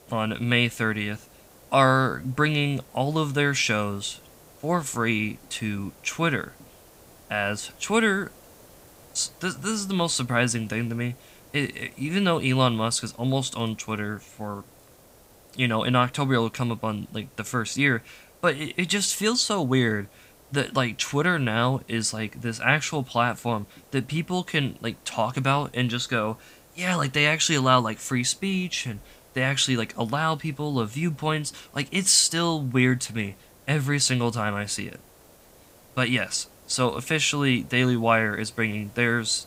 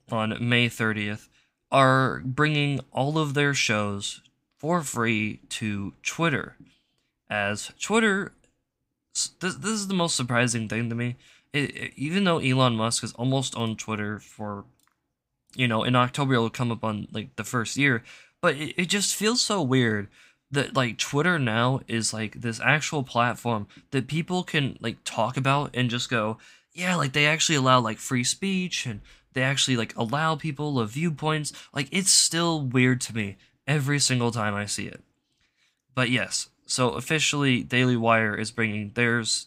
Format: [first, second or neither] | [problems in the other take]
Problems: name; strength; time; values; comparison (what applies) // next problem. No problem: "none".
second | hiss; faint; throughout; 25 dB below the speech